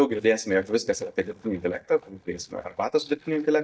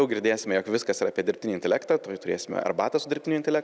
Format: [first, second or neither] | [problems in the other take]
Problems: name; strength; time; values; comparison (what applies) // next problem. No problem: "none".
second | noise reduction (neural mask model DeepFilterNet 3)